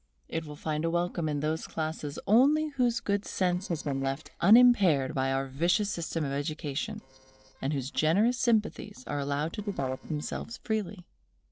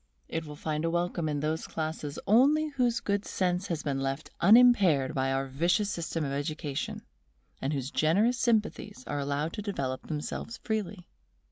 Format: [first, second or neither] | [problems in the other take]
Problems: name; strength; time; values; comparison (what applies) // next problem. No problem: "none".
second | noise reduction (neural separator model SepFormer DNS4)